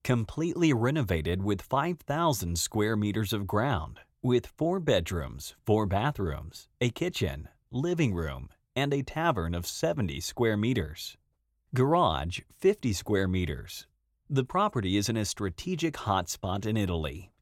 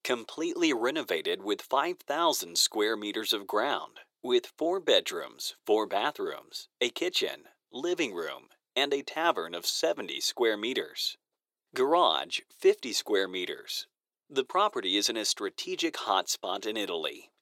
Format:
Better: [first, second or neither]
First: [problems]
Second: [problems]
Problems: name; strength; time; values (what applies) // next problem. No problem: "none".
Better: first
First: none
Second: thin; very; fading below 350 Hz